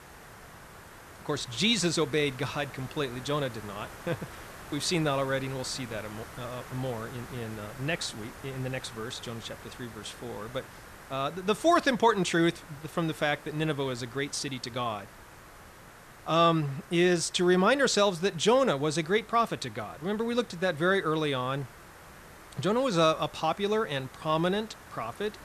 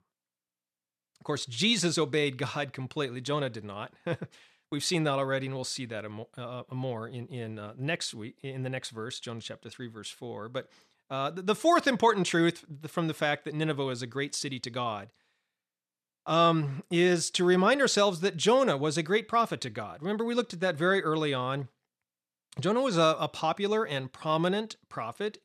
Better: second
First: hiss; noticeable; throughout; 20 dB below the speech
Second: none

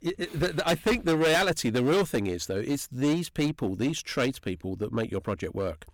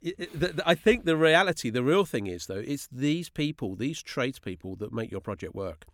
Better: second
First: distortion; heavy; 13% of the sound clipped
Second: none

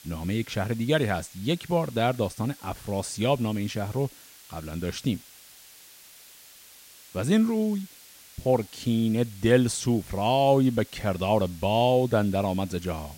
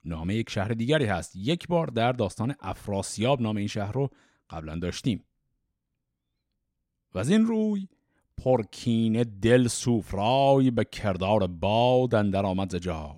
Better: second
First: hiss; faint; throughout; 20 dB below the speech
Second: none

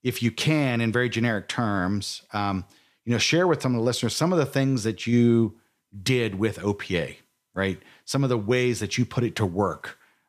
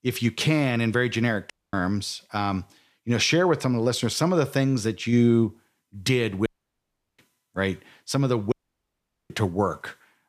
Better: first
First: none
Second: audio cutting out; at 1.5 s, at 6.5 s for 0.5 s and at 8.5 s for 1 s

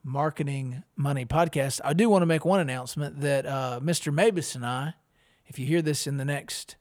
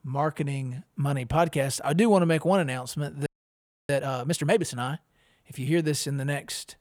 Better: first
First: none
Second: audio freezing; at 3.5 s for 0.5 s

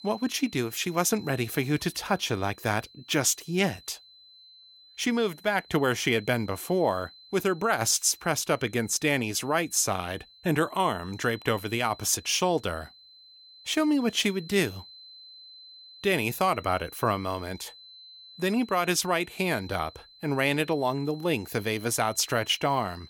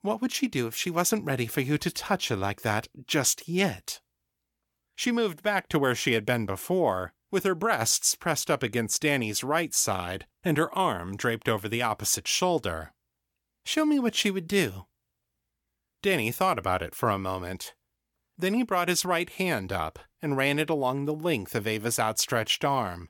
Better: second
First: high-pitched whine; faint; throughout; 4 kHz, 20 dB below the speech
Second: none

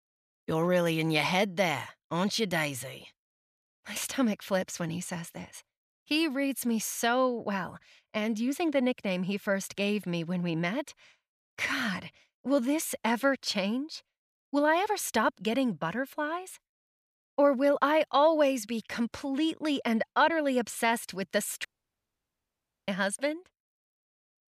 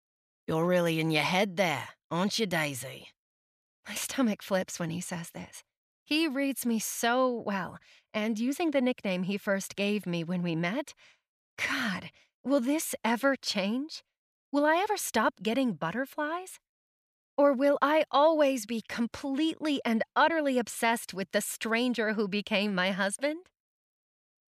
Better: second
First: audio cutting out; at 22 s for 1 s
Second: none

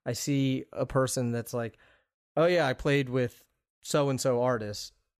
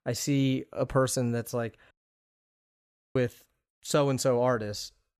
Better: first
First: none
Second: audio cutting out; at 2 s for 1 s

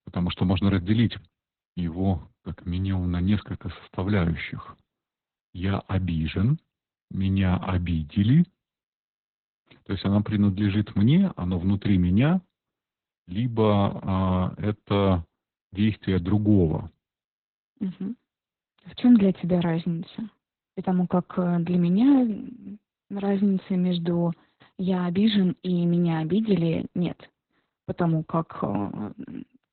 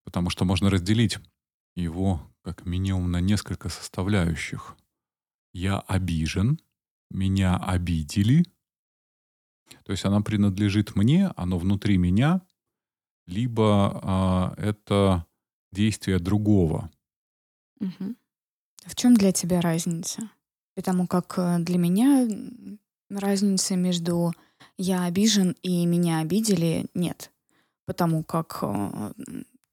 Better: second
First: garbled, watery; badly; nothing above 4 kHz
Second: none

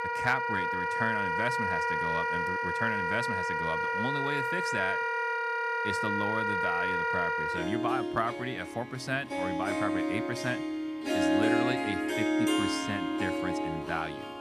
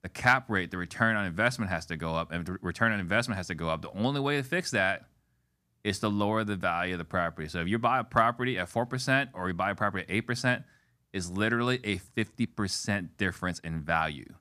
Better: second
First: background music; very loud; throughout; 5 dB above the speech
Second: none

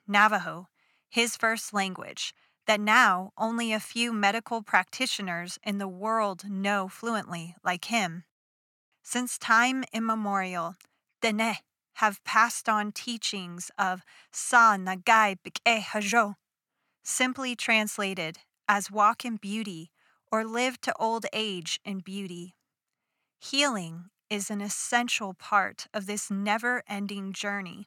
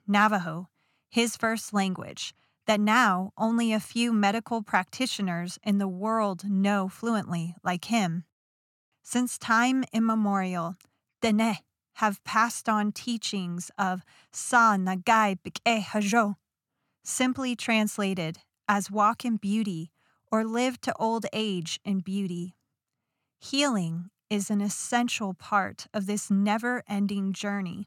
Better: second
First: thin; very slightly; fading below 450 Hz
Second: none

